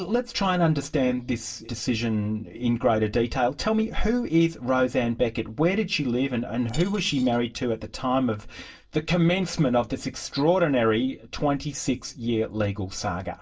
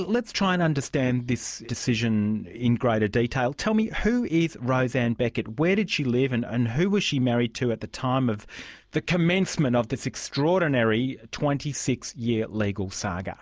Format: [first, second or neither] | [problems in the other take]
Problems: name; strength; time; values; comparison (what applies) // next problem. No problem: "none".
second | noise reduction (neural separator model SepFormer DNS4)